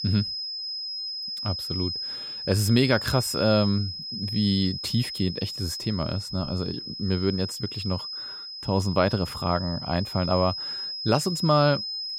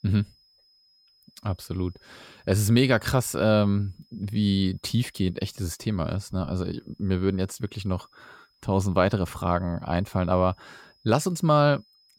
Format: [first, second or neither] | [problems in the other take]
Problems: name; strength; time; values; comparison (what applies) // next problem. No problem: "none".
second | high-pitched whine; loud; throughout; 5 kHz, 5 dB below the speech; faint in the second